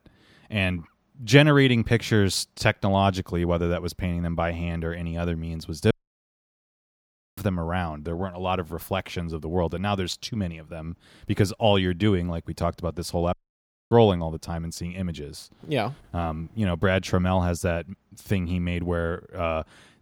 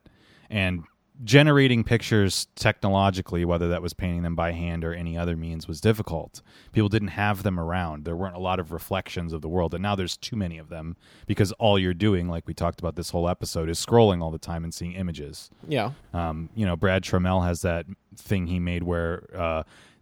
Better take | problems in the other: second | audio cutting out; at 6 s for 1.5 s and at 13 s for 0.5 s

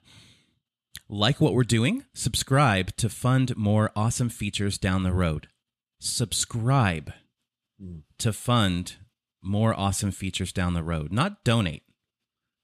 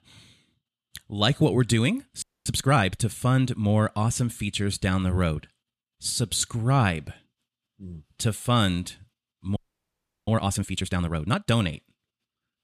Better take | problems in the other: first | audio freezing; at 2 s and at 9.5 s for 0.5 s

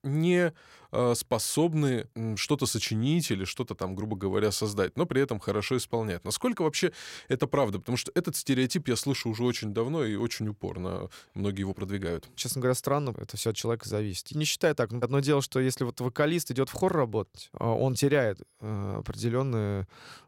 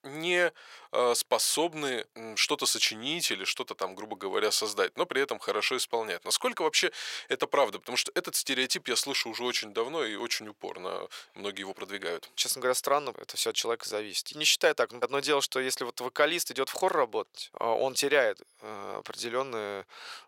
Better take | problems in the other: first | thin; very; fading below 600 Hz

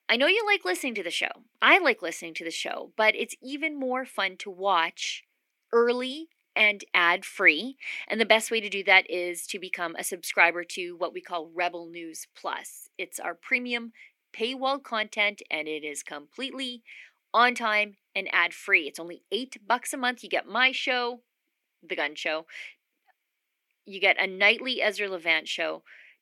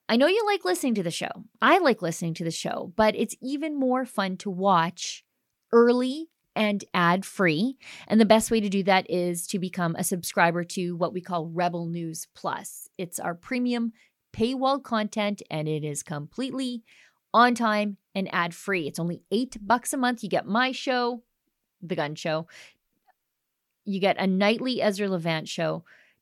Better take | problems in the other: second | thin; somewhat; fading below 300 Hz

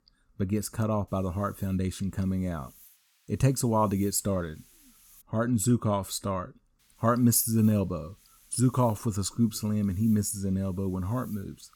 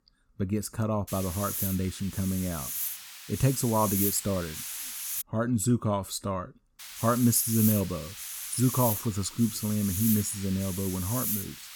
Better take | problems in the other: first | hiss; loud; from 1 to 5 s and from 7 s on; 4 dB below the speech; faint in the first

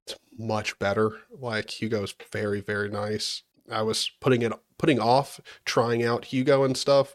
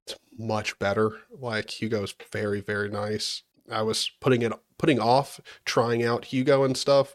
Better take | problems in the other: neither | none

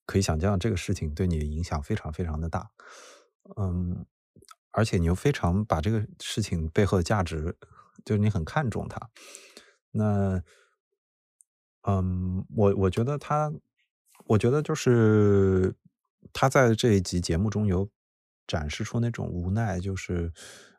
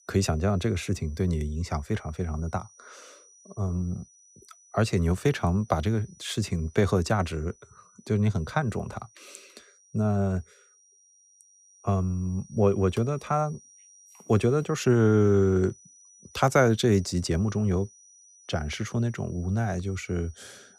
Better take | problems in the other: first | high-pitched whine; faint; throughout; 6 kHz, 25 dB below the speech

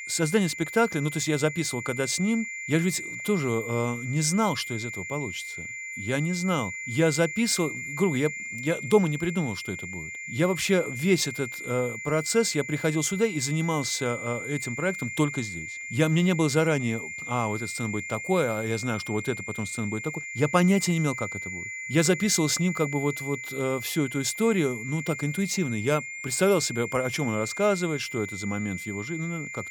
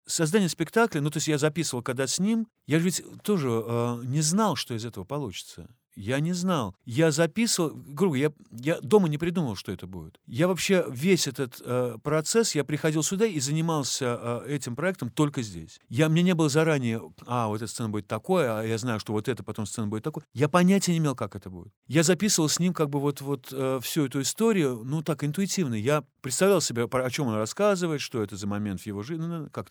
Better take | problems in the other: second | high-pitched whine; loud; throughout; 2 kHz, 8 dB below the speech

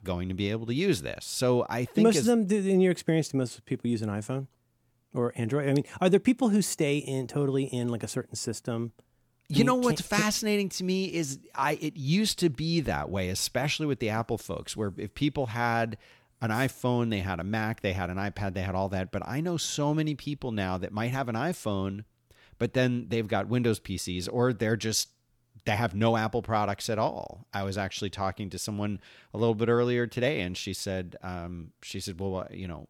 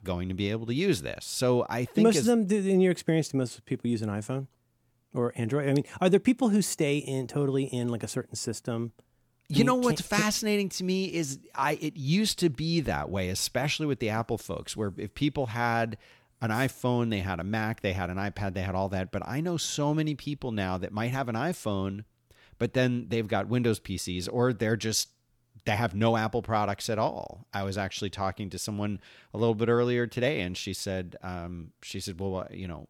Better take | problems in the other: neither | none

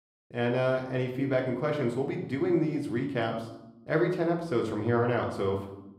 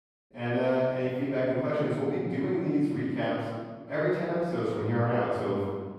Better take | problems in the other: first | room echo; strong; dies away in 1.5 s; slight in the first // off-mic speech; far; somewhat distant in the first

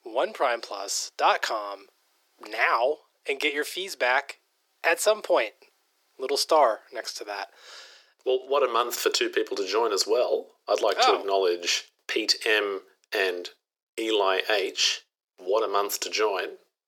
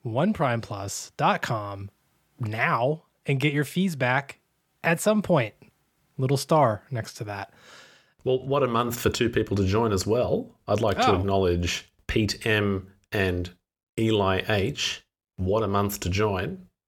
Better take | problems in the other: second | thin; very; fading below 350 Hz

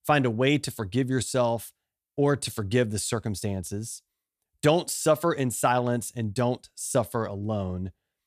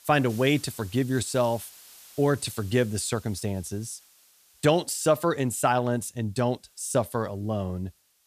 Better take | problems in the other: first | hiss; faint; throughout; 20 dB below the speech

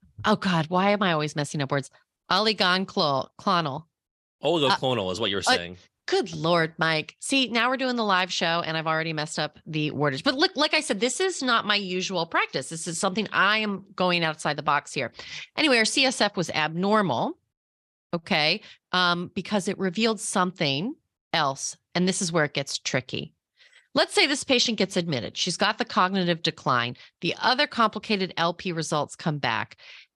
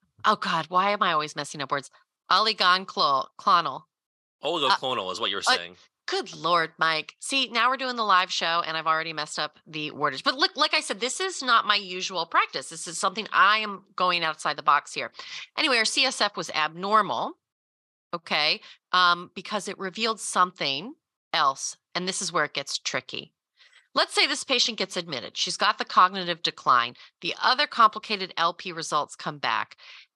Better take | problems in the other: first | thin; somewhat; fading below 450 Hz

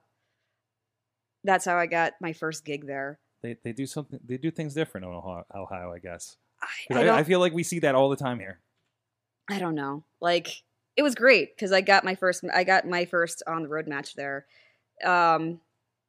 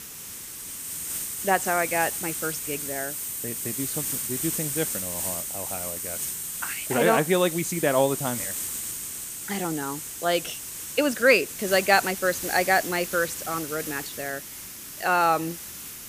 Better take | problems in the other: first | hiss; loud; throughout; 5 dB below the speech

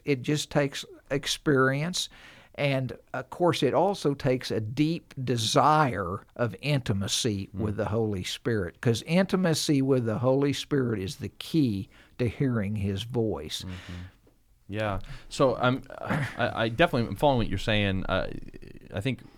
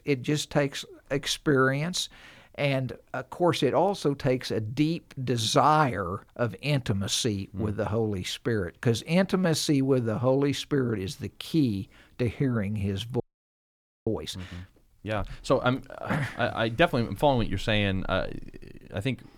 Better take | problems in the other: first | audio freezing; at 13 s for 1 s

